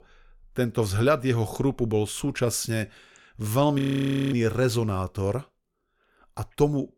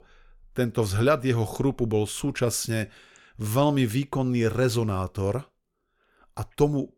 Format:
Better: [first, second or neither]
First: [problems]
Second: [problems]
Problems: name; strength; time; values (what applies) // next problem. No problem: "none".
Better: second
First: audio freezing; at 4 s for 0.5 s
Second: none